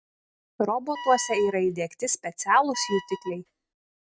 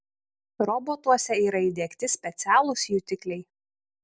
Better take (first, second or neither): second